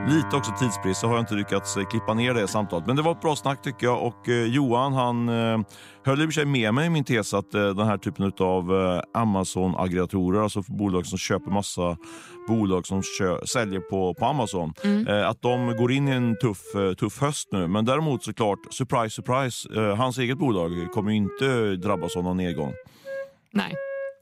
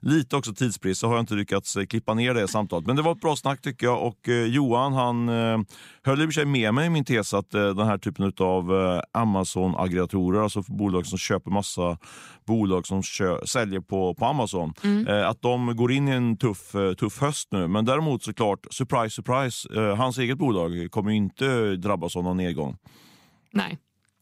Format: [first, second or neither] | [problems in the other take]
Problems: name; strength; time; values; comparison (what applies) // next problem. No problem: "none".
second | background music; noticeable; throughout; 15 dB below the speech